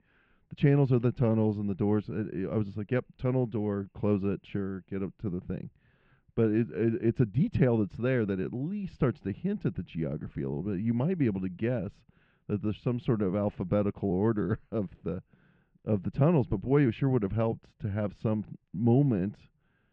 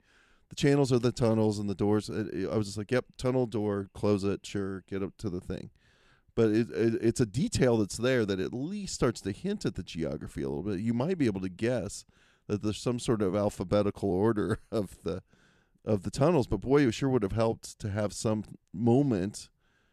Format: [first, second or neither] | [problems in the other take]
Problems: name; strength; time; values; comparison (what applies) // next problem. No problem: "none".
second | muffled; very; fading above 2.5 kHz